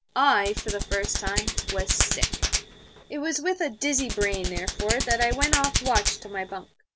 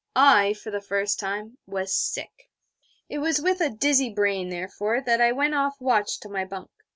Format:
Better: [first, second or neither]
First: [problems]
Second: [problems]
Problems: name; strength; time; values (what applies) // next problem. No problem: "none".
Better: second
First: background sound (Hands); 1 dB below the speech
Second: none